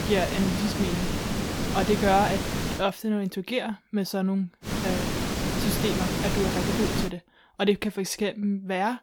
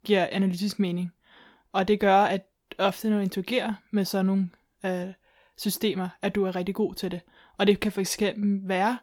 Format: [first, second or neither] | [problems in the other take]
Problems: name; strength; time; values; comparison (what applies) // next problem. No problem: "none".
second | hiss; loud; until 3 s and from 4.5 to 7 s; as loud as the speech